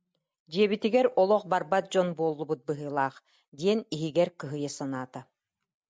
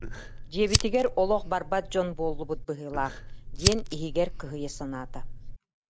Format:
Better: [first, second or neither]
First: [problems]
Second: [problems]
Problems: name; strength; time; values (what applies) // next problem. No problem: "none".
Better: first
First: none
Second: background sound (Fire); 2 dB below the speech